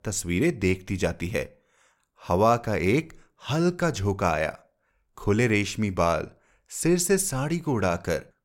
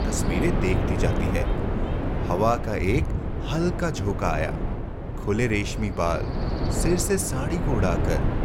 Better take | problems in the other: first | wind noise on the microphone; heavy; 5 dB below the speech

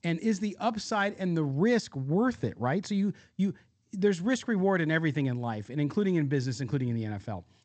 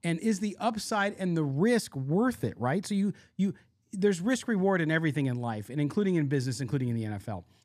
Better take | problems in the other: second | garbled, watery; slightly; nothing above 8 kHz

